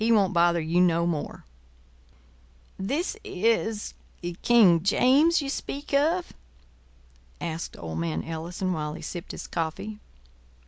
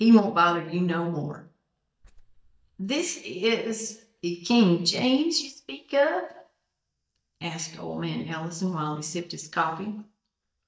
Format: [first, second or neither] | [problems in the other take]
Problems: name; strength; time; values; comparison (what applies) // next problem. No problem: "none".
first | noise reduction (neural mask model DeepFilterNet 3)